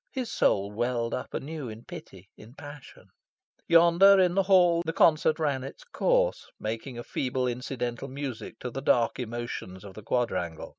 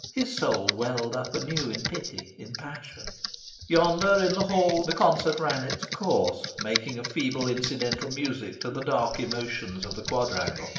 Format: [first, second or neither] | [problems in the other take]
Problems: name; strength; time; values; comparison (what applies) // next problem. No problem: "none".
first | background sound (Computer keyboard); 8 dB below the speech // room echo; dies away in 0.8 s